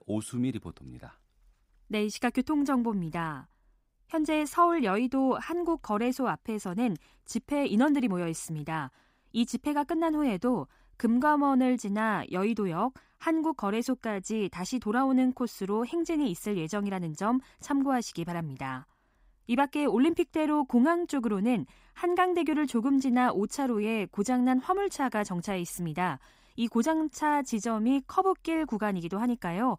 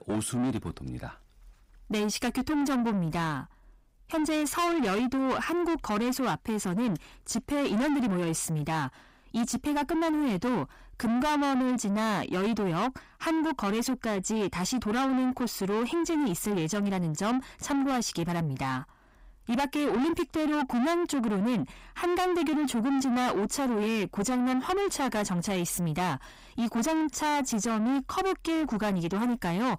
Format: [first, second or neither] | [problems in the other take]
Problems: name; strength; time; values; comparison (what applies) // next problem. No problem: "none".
first | distortion; heavy; 6 dB below the speech